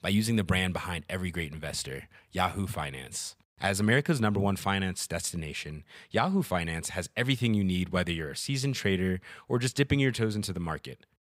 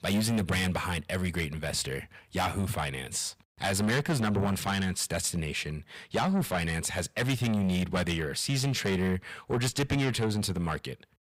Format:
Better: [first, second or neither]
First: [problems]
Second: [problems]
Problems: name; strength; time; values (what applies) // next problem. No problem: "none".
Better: first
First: none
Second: distortion; heavy; 7 dB below the speech